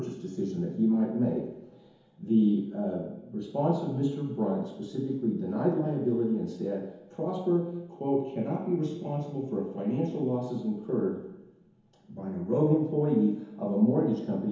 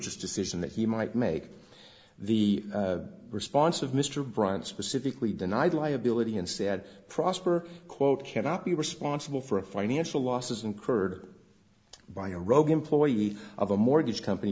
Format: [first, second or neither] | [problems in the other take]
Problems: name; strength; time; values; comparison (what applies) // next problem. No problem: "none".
second | room echo; dies away in 1 s